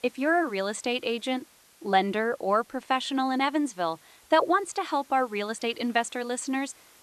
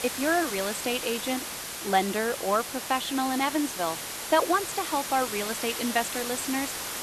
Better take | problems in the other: first | hiss; loud; throughout; 5 dB below the speech; faint in the first

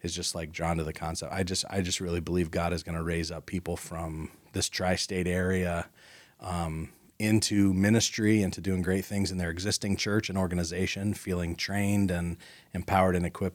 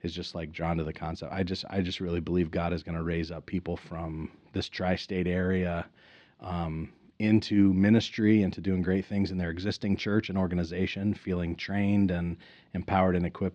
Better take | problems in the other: first | muffled; slightly; fading above 4 kHz

